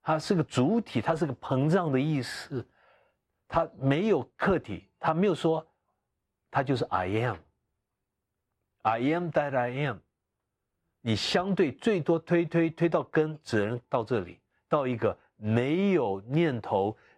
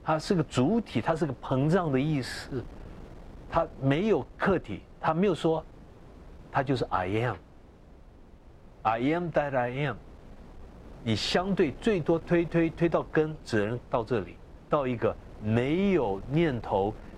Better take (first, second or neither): first